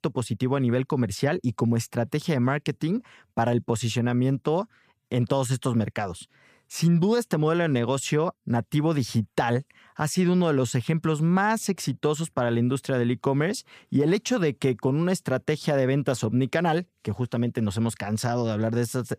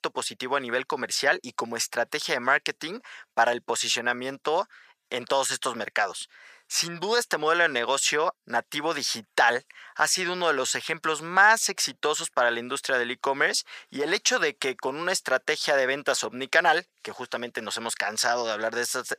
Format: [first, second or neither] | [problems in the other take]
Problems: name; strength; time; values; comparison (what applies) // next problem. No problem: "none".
first | thin; very; fading below 700 Hz